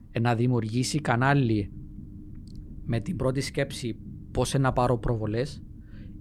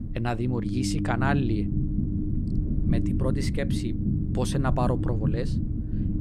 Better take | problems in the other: first | low rumble; loud; throughout; 5 dB below the speech; faint in the first

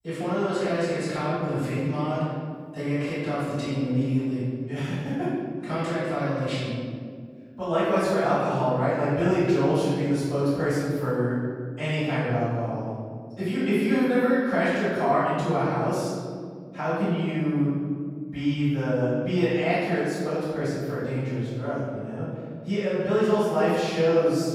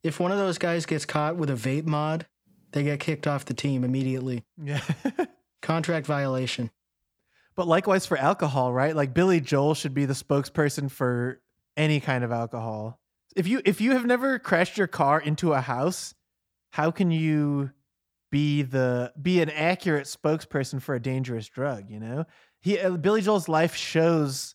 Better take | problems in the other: second | off-mic speech; far // room echo; strong; dies away in 2 s

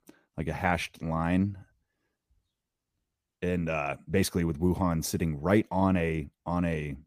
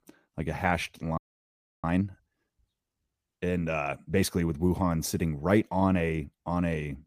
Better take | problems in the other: first | audio freezing; at 1 s for 0.5 s

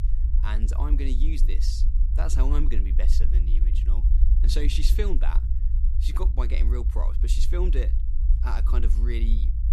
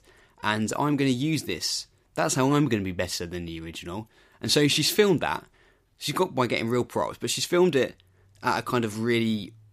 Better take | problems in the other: second | low rumble; loud; throughout; 9 dB below the speech

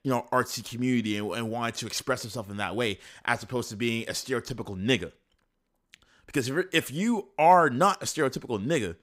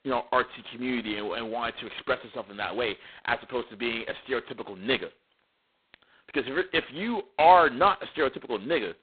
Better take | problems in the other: first | phone-call audio; poor line; nothing above 4 kHz

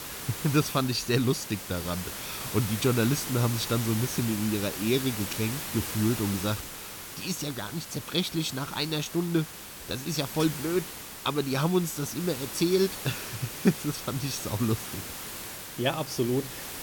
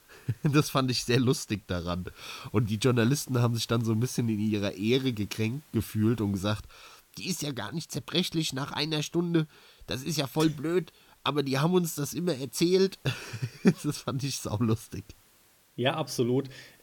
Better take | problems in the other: second | hiss; loud; throughout; 7 dB below the speech; faint in the second

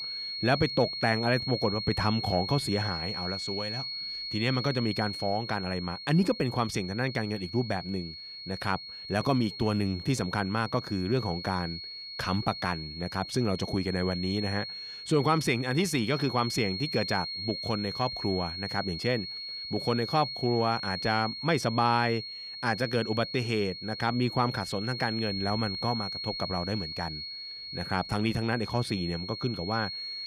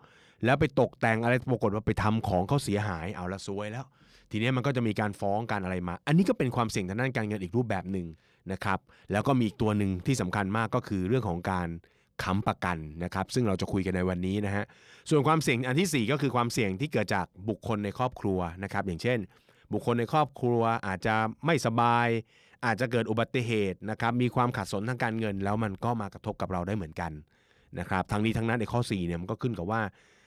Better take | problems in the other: second | high-pitched whine; loud; throughout; 4.5 kHz, 6 dB below the speech

